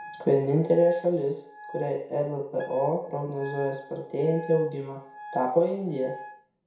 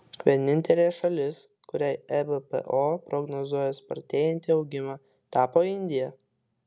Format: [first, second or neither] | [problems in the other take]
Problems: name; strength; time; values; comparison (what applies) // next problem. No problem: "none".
second | background sound (Wind instrument, woodwind instrument); 18 dB below the speech // room echo; dies away in 0.6 s